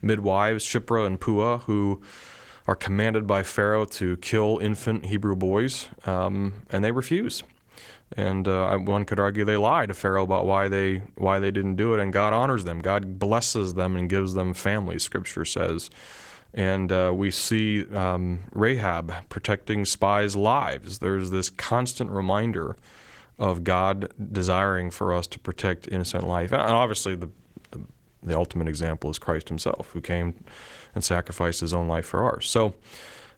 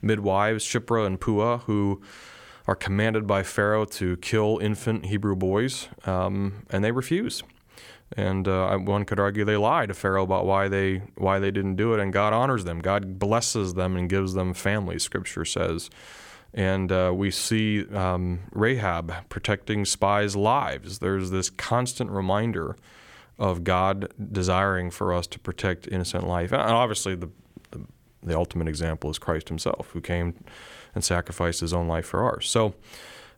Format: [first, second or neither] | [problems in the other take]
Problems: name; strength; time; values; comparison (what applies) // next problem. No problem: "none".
second | garbled, watery; slightly; nothing above 18 kHz